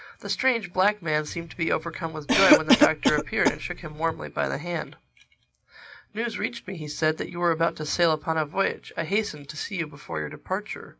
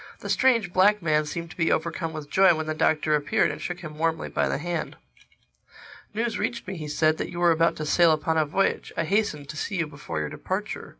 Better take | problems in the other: second | background sound (Cough); 3 dB above the speech

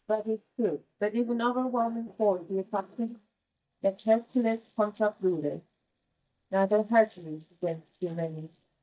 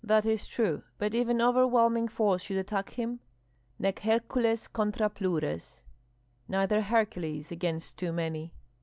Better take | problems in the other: second | noise reduction (neural mask model DeepFilterNet 3)

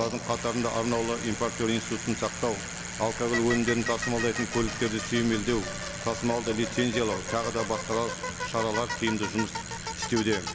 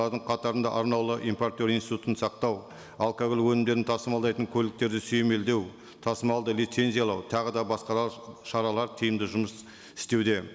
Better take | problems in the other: second | background sound (Bicycle); 6 dB below the speech

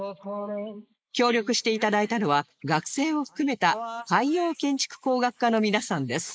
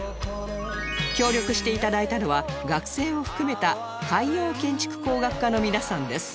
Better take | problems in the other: second | noise reduction (neural mask model Resemble Enhance denoiser)

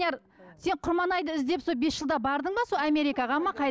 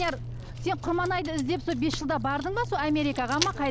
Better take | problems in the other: first | background sound (Chewing, mastication); 7 dB below the speech

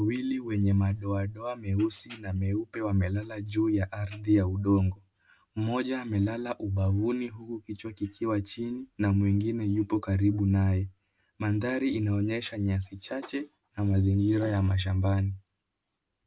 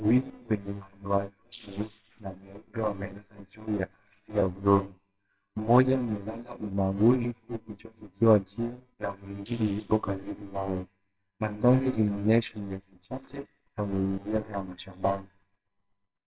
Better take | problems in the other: first | noise reduction (neural separator model SepFormer WHAMR!)

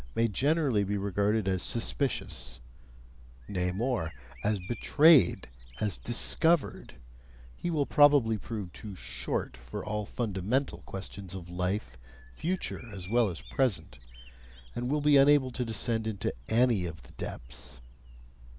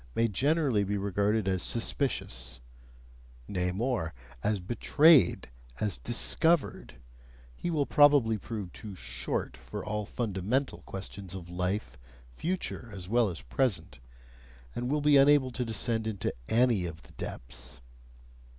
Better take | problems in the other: second | background sound (Bird vocalization, bird call, bird song); 17 dB below the speech

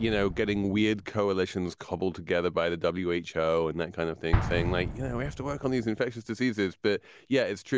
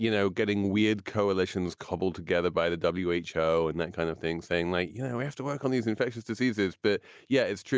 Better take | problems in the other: second | background sound (Explosion); 9 dB below the speech

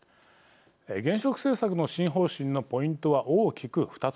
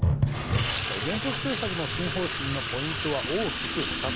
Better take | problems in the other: first | background sound (Sink (filling or washing) / Water tap, faucet); 4 dB above the speech

